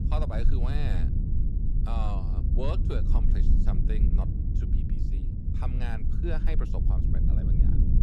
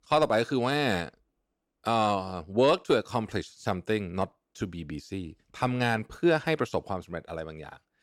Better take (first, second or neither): second